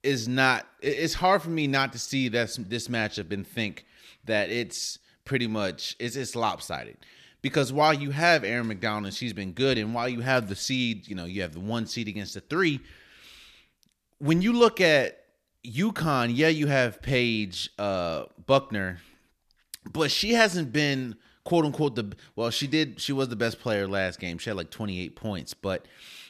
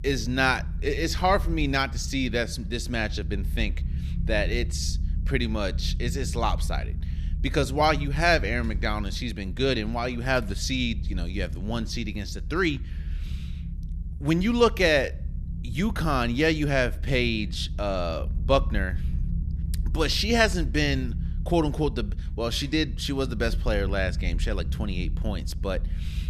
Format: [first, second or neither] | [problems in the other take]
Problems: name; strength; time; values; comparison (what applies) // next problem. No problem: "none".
first | low rumble; faint; throughout; 20 dB below the speech